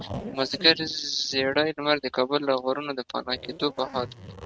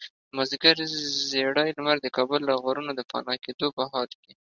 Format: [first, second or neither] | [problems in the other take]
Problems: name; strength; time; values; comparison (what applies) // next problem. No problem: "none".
second | noise reduction (neural mask model RNNoise)